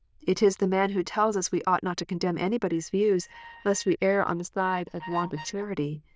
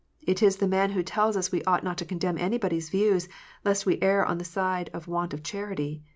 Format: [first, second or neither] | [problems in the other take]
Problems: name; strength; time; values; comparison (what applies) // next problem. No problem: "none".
second | noise reduction (neural diffusion model UNIVERSE++)